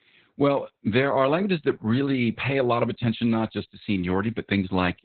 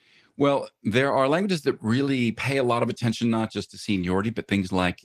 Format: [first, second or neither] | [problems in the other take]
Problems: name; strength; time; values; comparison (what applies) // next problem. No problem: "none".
second | garbled, watery; badly; nothing above 4 kHz; slightly in the second